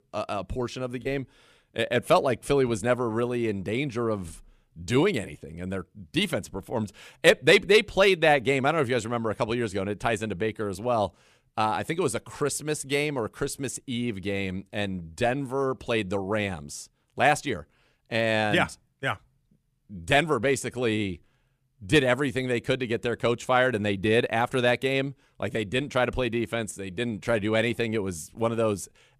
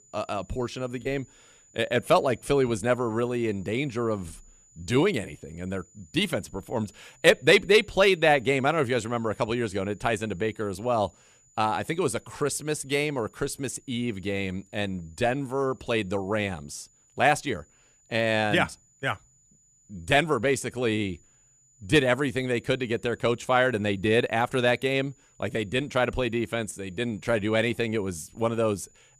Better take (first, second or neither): first